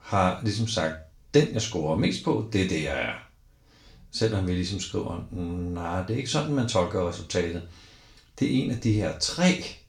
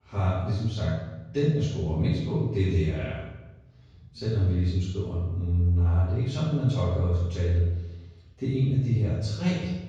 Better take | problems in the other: first | room echo; strong; dies away in 1.4 s; slight in the first // off-mic speech; far; far in the first

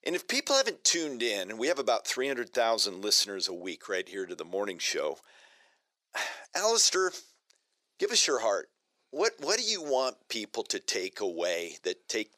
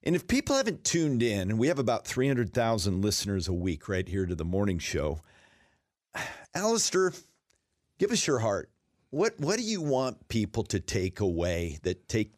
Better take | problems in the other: second | thin; very; fading below 450 Hz

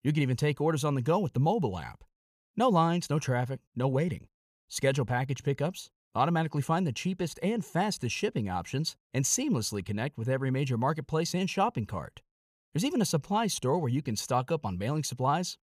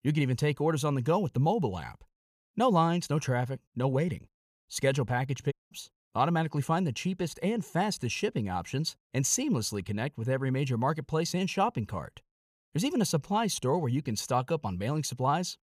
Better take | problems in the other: first | audio cutting out; at 5.5 s

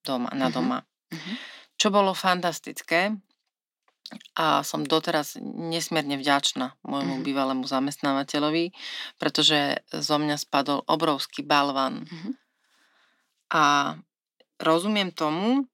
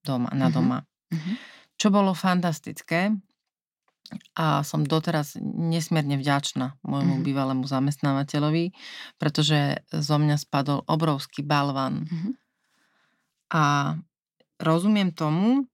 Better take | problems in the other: second | thin; somewhat; fading below 300 Hz

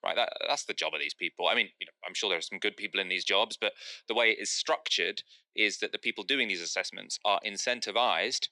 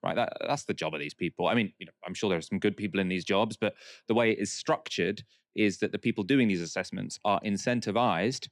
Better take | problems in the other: second | thin; very; fading below 550 Hz

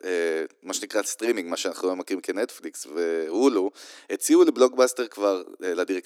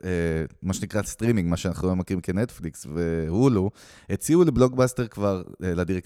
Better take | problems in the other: second | thin; somewhat; fading below 300 Hz

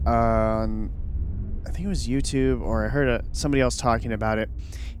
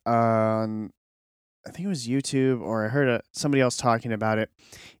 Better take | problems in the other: second | low rumble; faint; throughout; 25 dB below the speech

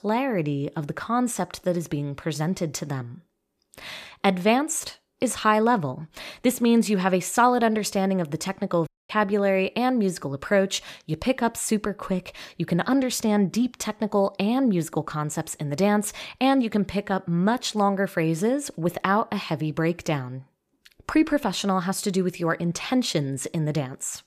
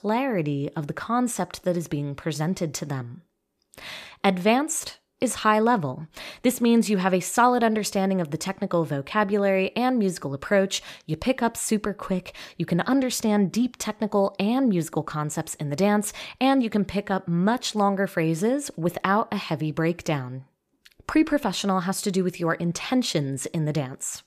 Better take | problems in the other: second | audio cutting out; at 9 s

